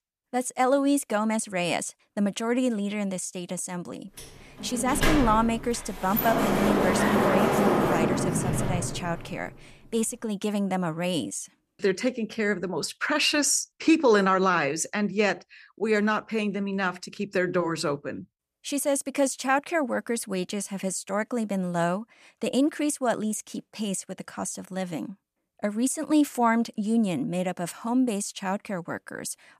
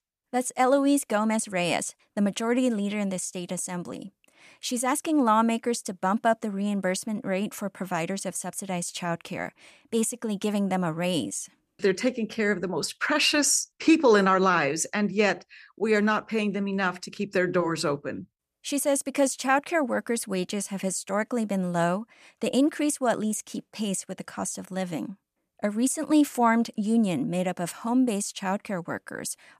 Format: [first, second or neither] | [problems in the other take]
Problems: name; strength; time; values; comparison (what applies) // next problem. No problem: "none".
second | door banging; loud; from 4.5 to 9 s; peak 5 dB above the speech